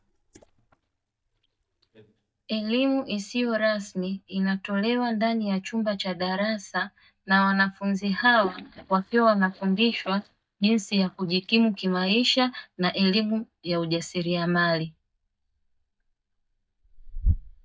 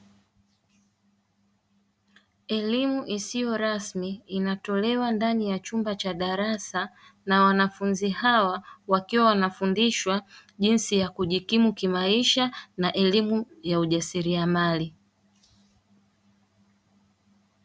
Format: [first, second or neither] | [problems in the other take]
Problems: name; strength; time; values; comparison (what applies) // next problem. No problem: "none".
second | noise reduction (neural mask model DeepFilterNet 3)